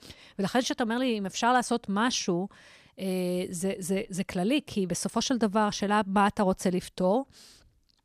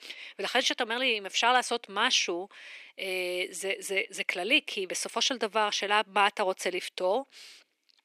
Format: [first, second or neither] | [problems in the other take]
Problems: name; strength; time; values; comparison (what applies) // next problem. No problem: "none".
first | thin; somewhat; fading below 350 Hz